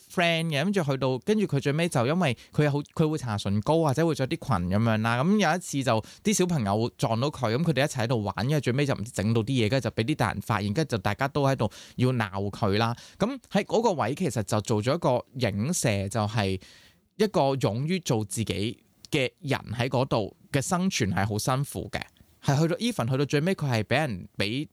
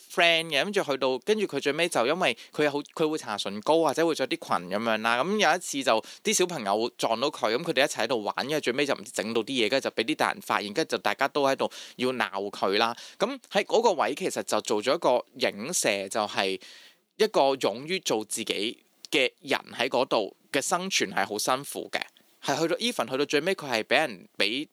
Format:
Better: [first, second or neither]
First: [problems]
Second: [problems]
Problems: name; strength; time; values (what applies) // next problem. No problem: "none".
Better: first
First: none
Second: thin; somewhat; fading below 300 Hz